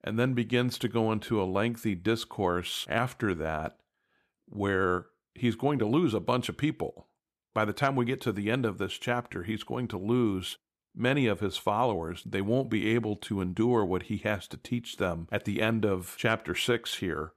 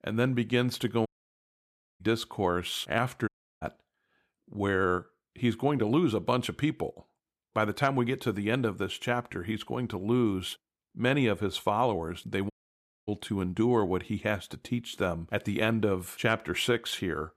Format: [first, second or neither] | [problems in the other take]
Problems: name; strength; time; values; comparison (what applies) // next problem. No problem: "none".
first | audio cutting out; at 1 s for 1 s, at 3.5 s and at 13 s for 0.5 s